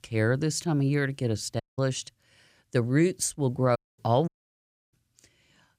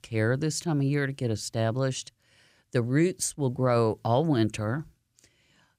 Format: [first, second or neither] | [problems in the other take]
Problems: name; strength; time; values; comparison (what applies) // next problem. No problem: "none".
second | audio cutting out; at 1.5 s, at 4 s and at 4.5 s for 0.5 s